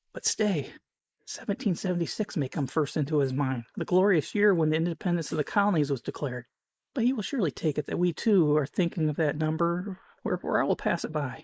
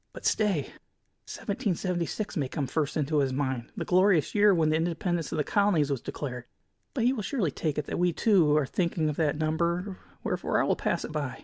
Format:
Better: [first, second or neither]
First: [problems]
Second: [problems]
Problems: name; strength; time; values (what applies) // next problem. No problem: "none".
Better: second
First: noise reduction (neural mask model Resemble Enhance denoiser)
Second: none